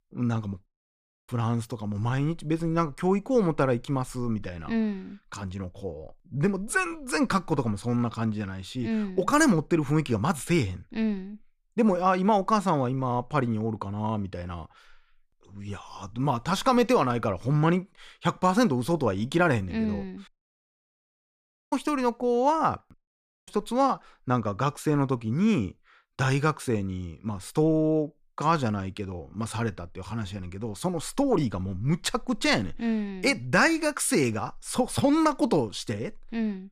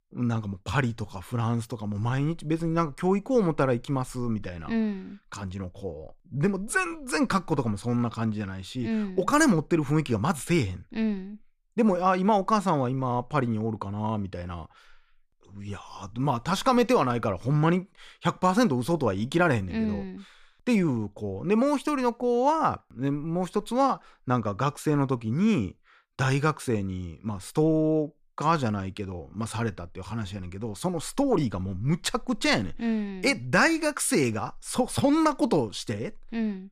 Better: second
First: audio cutting out; at 0.5 s for 0.5 s, at 20 s for 1.5 s and at 23 s for 0.5 s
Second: none

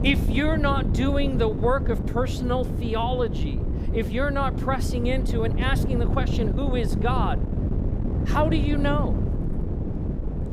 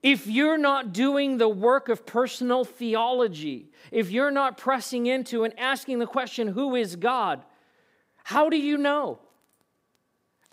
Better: second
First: wind noise on the microphone; heavy; 8 dB below the speech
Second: none

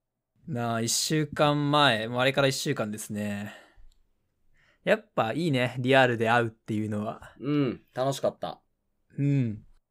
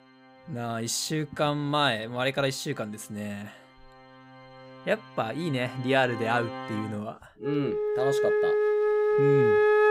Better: first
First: none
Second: background music; very loud; throughout; 4 dB above the speech

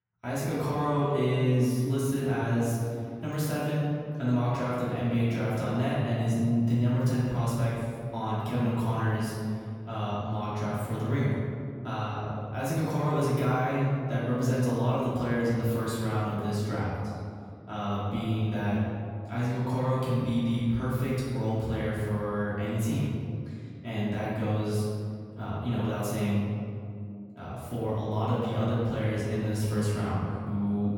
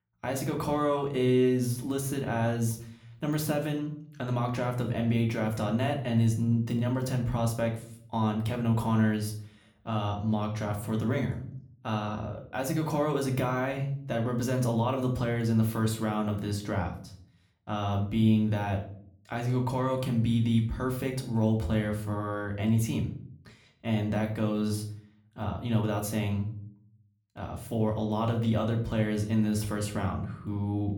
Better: second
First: room echo; strong; dies away in 2.1 s // off-mic speech; far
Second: room echo; slight; dies away in 0.4 s // off-mic speech; somewhat distant

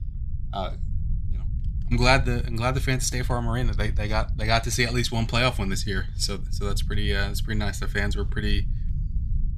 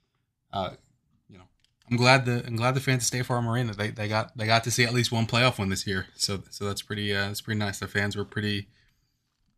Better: second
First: low rumble; faint; throughout; 20 dB below the speech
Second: none

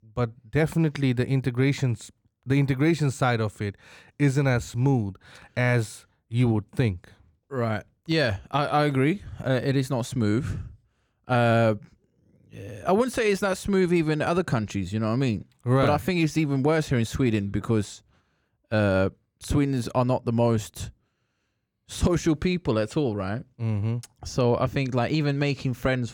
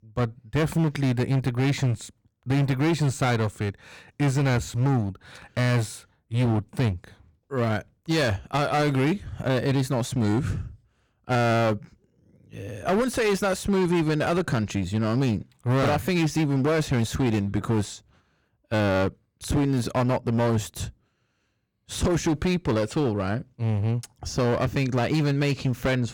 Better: first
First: none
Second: distortion; slight; 15% of the sound clipped

